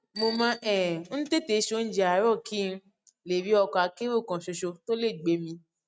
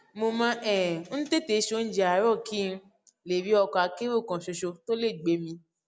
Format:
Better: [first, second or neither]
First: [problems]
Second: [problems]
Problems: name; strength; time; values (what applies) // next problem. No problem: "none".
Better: second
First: noise reduction (neural mask model RNNoise)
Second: none